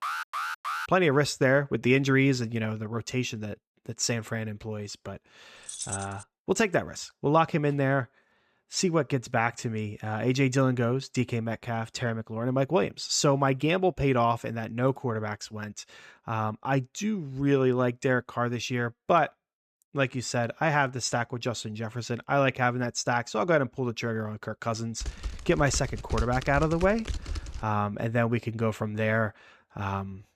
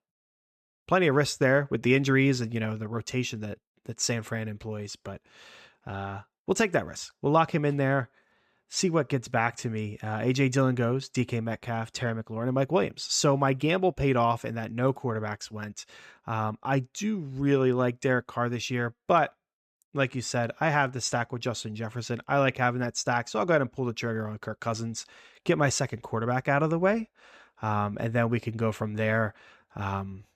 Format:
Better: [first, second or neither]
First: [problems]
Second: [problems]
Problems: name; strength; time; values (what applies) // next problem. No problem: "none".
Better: second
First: alarm; noticeable; at the start; peak 4 dB below the speech // jangling keys; noticeable; at 5.5 s; peak 7 dB below the speech // keyboard typing; noticeable; from 25 to 28 s; peak 7 dB below the speech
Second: none